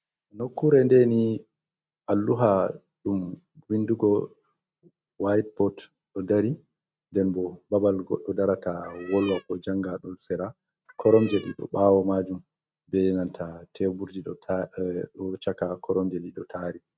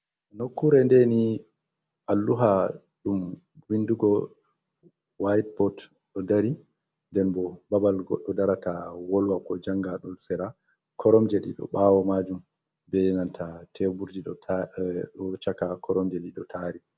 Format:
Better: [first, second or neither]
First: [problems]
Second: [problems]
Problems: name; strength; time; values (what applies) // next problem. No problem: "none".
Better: second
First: noise reduction (neural mask model RNNoise)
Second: none